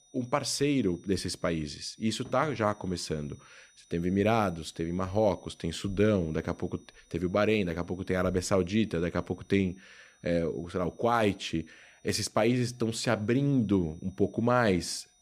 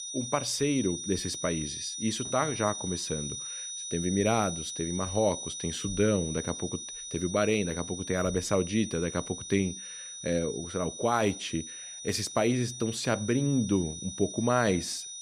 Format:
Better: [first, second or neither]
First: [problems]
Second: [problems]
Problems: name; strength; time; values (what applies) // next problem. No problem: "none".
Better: first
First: high-pitched whine; faint; throughout; 6 kHz, 30 dB below the speech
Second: high-pitched whine; loud; throughout; 6 kHz, 7 dB below the speech